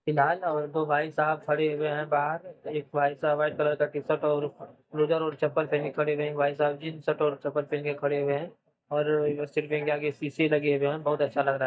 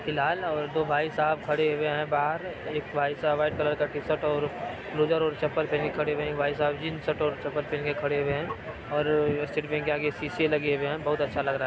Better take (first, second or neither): second